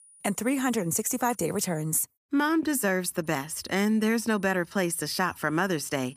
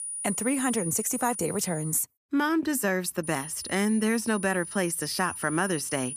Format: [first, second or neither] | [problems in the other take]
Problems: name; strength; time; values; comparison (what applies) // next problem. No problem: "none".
first | high-pitched whine; loud; until 2 s and from 3 s on; 9.5 kHz, 8 dB below the speech; faint in the first